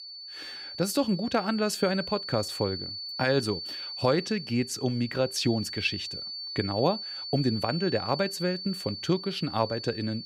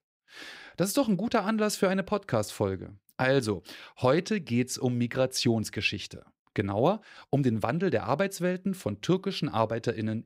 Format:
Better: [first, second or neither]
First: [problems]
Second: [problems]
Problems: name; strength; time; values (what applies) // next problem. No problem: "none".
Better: second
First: high-pitched whine; loud; throughout; 4.5 kHz, 7 dB below the speech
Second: none